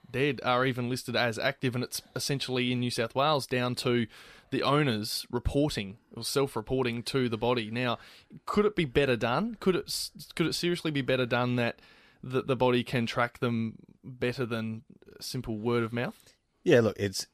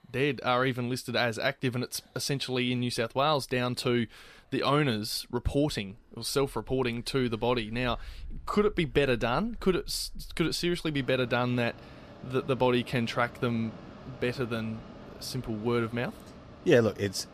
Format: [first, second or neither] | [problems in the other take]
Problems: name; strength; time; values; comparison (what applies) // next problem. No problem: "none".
first | machinery noise; noticeable; throughout; 20 dB below the speech